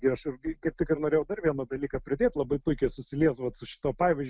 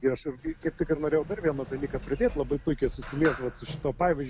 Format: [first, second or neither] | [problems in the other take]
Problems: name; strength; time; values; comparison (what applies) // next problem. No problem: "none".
first | background sound (Sliding door); 13 dB below the speech